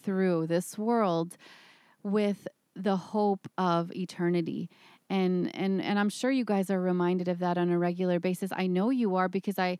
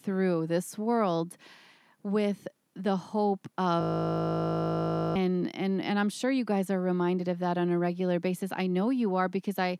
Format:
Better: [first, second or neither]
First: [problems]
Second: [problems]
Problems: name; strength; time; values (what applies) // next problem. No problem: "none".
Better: first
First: none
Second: audio freezing; at 4 s for 1.5 s